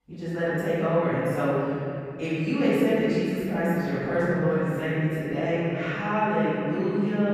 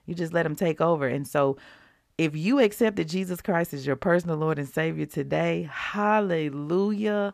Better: second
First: off-mic speech; far // room echo; strong; dies away in 3 s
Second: none

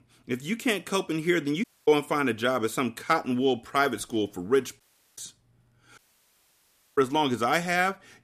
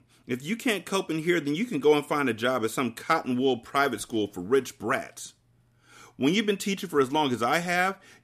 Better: second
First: audio cutting out; at 1.5 s, at 5 s and at 6 s for 1 s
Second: none

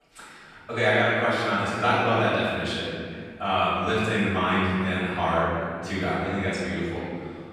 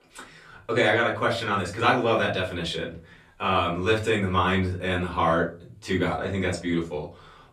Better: second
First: room echo; strong; dies away in 2 s // off-mic speech; far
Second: room echo; slight; dies away in 0.3 s // off-mic speech; far

